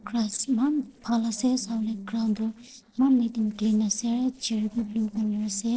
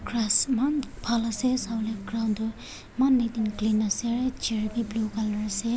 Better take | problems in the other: second | noise reduction (neural separator model SepFormer DNS4)

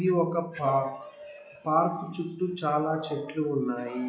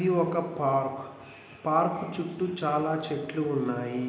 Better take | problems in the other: second | noise reduction (classical method log-MMSE)

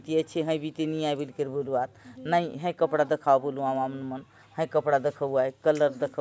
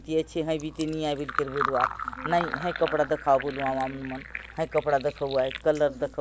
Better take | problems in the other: first | background sound (Fill (with liquid)); 8 dB below the speech

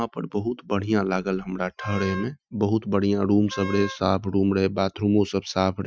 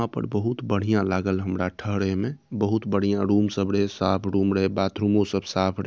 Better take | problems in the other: second | noise reduction (classical method Wiener filter)

